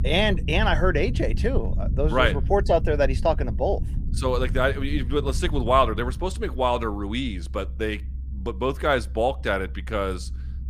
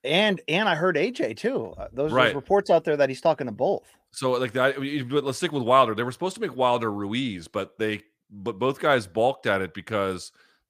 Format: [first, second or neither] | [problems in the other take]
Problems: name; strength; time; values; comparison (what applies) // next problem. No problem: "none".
second | low rumble; faint; throughout; 20 dB below the speech